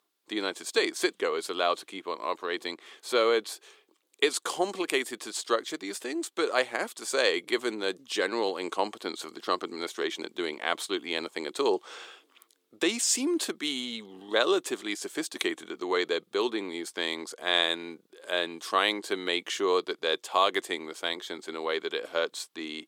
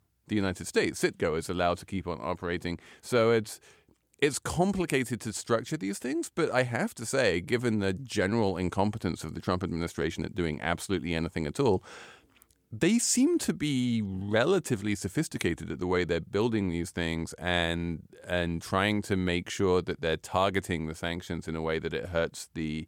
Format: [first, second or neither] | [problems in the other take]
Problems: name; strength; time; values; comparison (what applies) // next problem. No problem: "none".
second | thin; somewhat; fading below 350 Hz